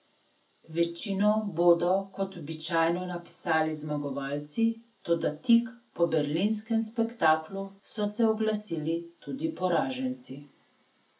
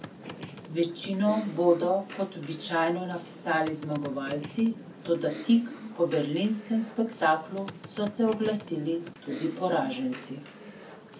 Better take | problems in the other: first | background sound (Computer keyboard); 14 dB below the speech

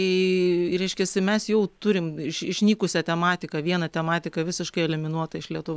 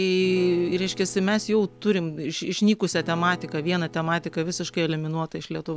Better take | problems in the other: first | background sound (Acoustic guitar / Strum); 18 dB below the speech

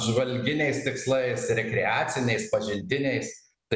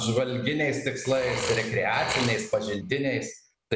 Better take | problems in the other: first | background sound (Burping, eructation); 10 dB below the speech

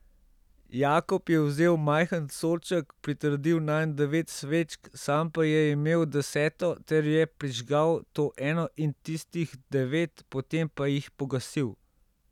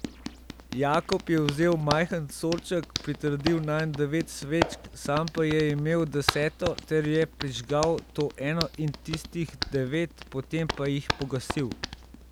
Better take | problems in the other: first | background sound (Hands); 8 dB below the speech

